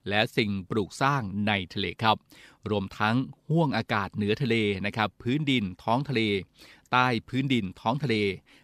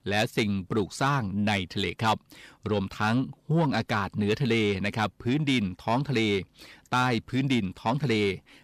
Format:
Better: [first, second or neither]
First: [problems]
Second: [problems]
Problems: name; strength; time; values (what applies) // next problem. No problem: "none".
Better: first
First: none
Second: distortion; slight; 10 dB below the speech